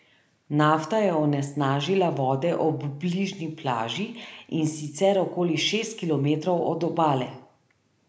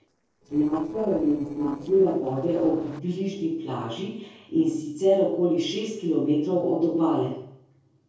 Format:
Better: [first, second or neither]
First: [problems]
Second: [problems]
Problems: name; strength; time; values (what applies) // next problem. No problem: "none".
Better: first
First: none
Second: noise reduction (neural separator model SepFormer DNS4)